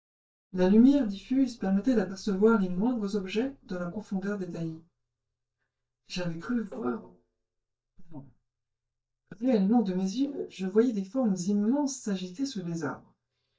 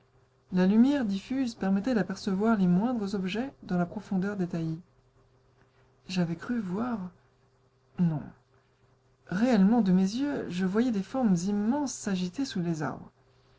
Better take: second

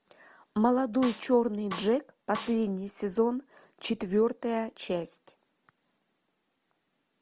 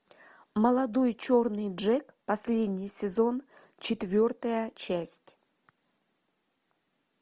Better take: second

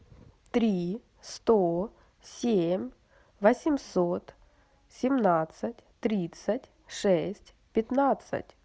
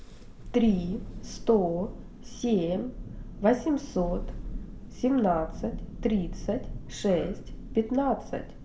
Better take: first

